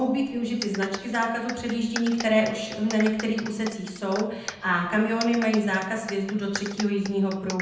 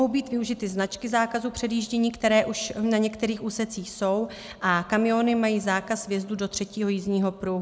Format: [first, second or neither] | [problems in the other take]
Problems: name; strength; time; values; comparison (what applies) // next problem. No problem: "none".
second | background sound (Clapping); 13 dB below the speech // room echo; dies away in 0.8 s